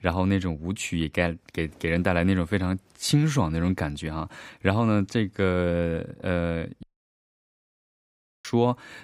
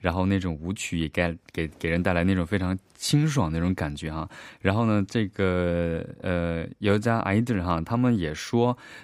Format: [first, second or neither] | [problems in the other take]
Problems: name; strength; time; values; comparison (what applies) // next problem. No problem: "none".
second | audio cutting out; at 7 s for 1.5 s